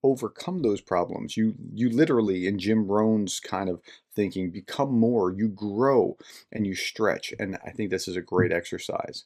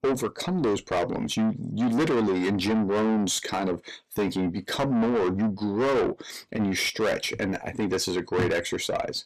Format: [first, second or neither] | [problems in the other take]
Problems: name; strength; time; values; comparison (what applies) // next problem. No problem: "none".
first | distortion; heavy; 6 dB below the speech